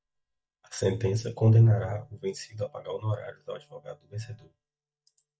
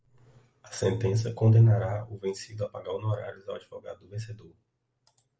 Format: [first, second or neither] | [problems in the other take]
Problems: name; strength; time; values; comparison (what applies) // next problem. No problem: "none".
second | noise reduction (neural mask model DeepFilterNet 3)